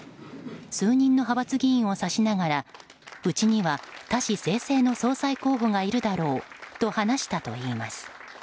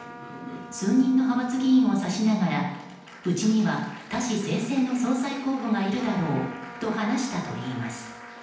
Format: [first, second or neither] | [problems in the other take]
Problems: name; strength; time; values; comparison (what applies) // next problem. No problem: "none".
first | background sound (Trumpet); 20 dB below the speech // room echo; dies away in 0.9 s